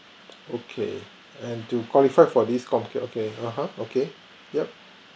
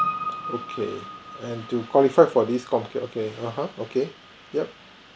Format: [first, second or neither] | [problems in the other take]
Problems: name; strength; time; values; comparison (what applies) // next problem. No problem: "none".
first | background sound (Piano); 11 dB below the speech